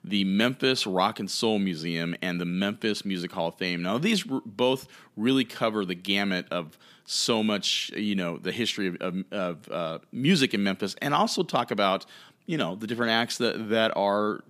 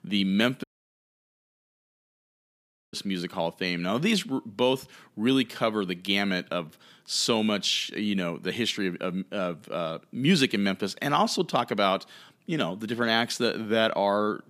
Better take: first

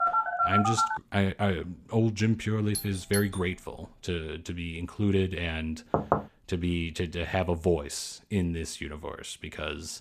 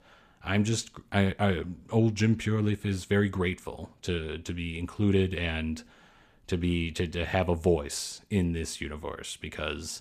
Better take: second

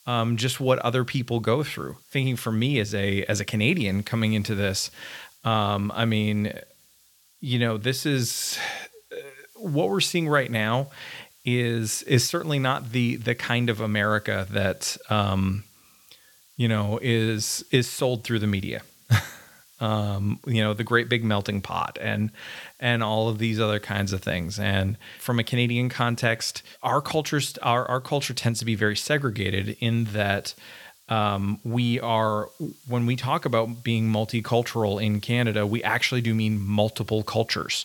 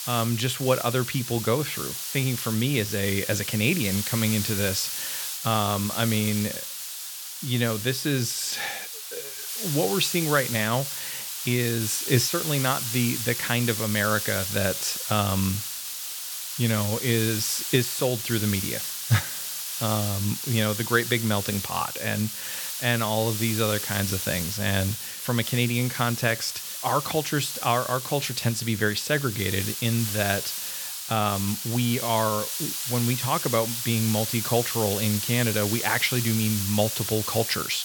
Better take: first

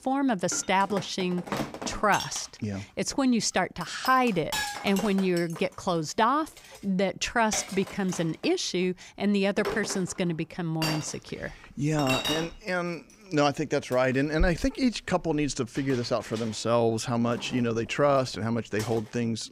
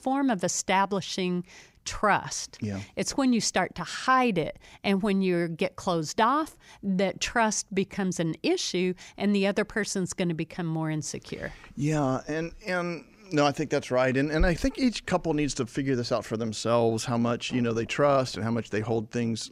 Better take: second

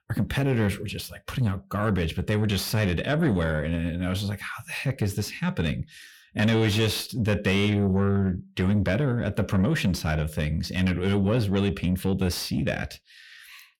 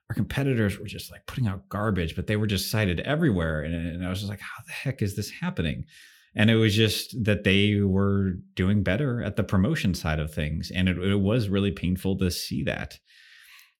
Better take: second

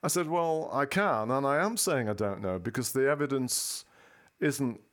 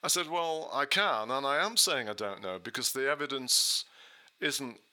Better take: first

